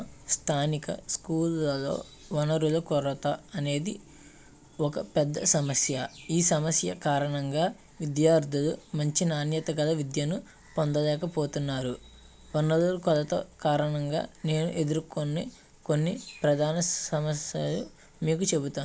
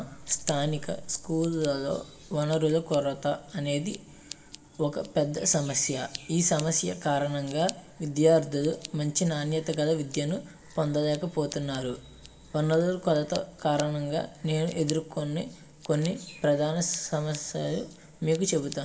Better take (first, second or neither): first